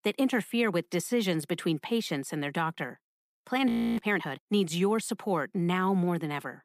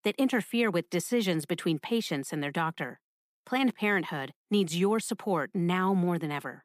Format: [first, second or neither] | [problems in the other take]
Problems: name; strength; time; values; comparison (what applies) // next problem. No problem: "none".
second | audio freezing; at 3.5 s